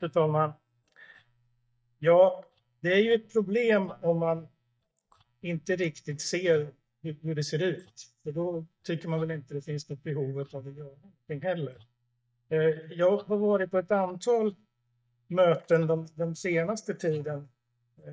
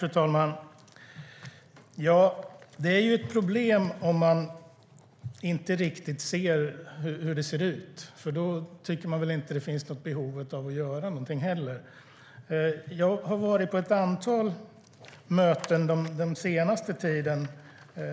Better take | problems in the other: second | noise reduction (neural mask model DeepFilterNet 3)

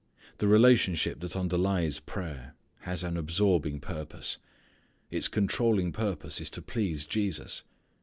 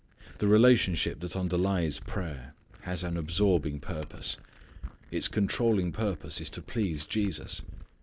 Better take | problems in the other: first | background sound (Glass); 14 dB below the speech

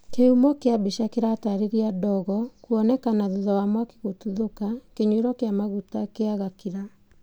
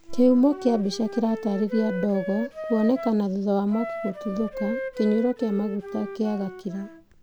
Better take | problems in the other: first | background sound (Wind instrument, woodwind instrument); 11 dB below the speech

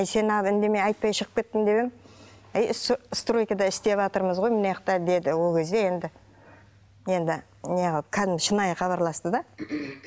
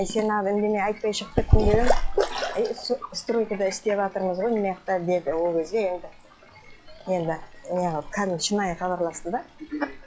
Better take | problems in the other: first | noise reduction (classical method log-MMSE)

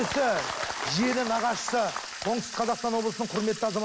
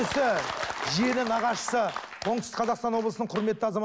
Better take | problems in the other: second | background sound (Sink (filling or washing) / Water tap, faucet); 12 dB below the speech

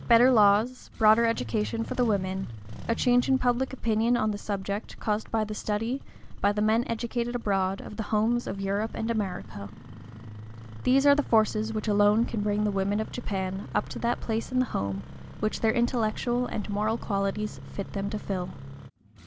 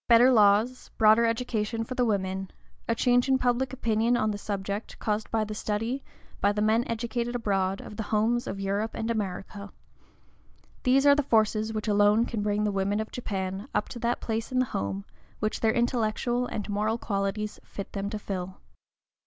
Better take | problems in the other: second | background sound (Engine starting); 15 dB below the speech

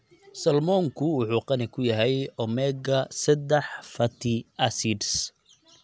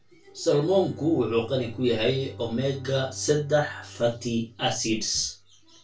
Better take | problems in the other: first | background sound (Bowed string instrument); 19 dB below the speech // room echo; dies away in 0.2 s

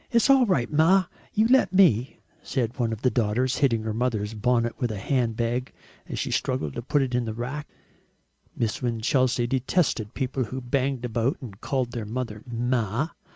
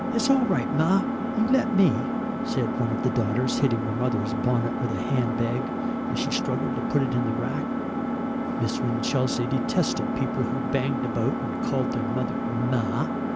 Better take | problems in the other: first | background sound (Engine); as loud as the speech

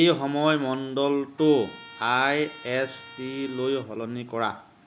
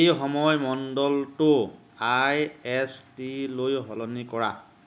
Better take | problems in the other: second | background sound (Trumpet); 19 dB below the speech

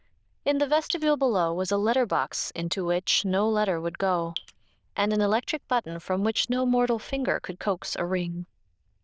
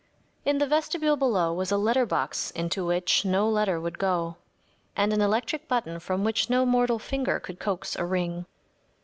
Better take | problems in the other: second | noise reduction (neural diffusion model UNIVERSE++)

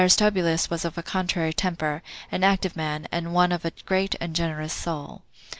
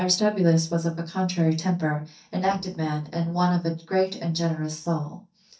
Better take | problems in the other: first | noise reduction (neural mask model DeepFilterNet 3)

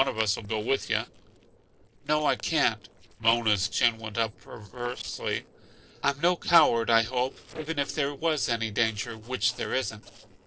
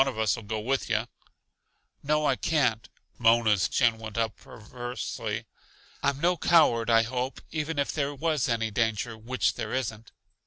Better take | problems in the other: second | noise reduction (neural separator model SepFormer DNS4)

